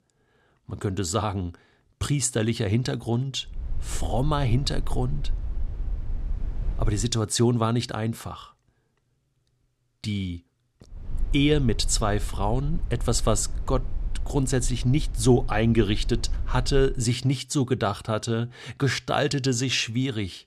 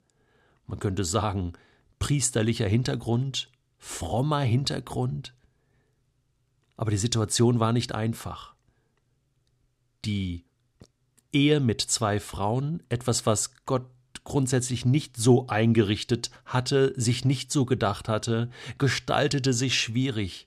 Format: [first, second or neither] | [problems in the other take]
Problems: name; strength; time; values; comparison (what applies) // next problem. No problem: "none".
second | low rumble; faint; from 3.5 to 7 s and from 11 to 17 s; 25 dB below the speech